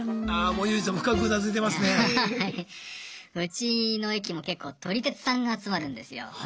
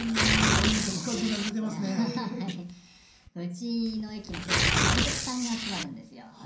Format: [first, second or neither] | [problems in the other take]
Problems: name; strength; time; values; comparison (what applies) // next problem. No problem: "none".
first | background sound (Tearing); 2 dB above the speech // room echo; dies away in 0.6 s